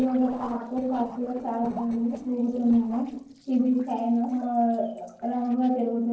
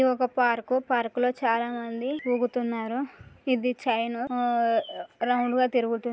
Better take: second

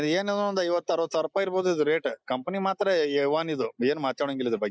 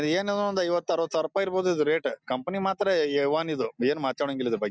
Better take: second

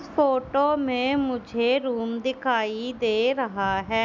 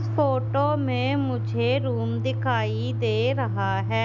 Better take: first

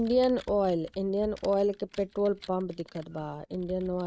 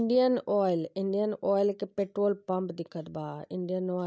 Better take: second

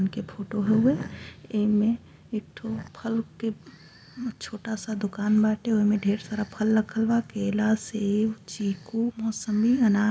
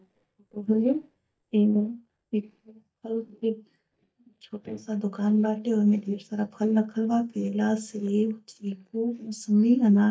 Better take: first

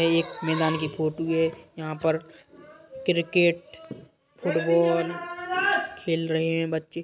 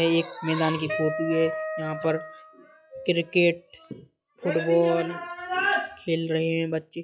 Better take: first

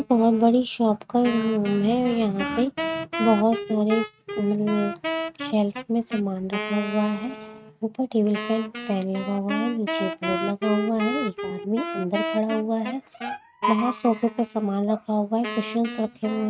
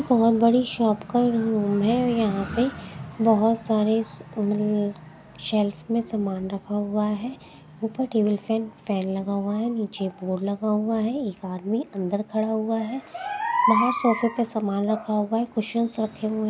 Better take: second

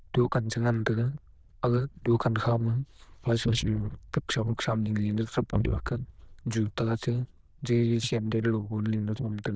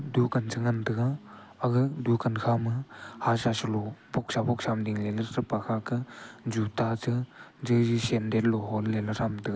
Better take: second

